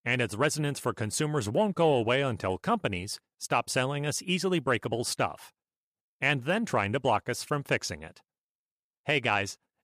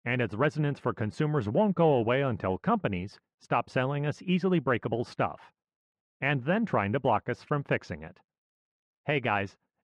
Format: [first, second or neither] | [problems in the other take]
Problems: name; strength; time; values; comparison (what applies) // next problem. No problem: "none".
first | muffled; very; fading above 2 kHz